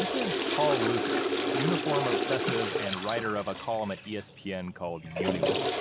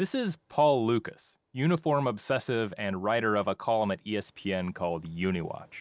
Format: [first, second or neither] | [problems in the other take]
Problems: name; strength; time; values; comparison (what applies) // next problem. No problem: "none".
second | background sound (Toilet flush / Water); 2 dB above the speech